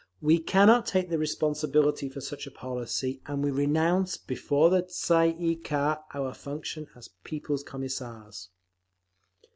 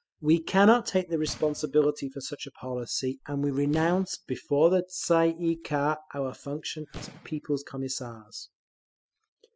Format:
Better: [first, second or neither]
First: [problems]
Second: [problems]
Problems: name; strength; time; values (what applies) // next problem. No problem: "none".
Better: first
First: none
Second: noise reduction (classical method spectral subtraction)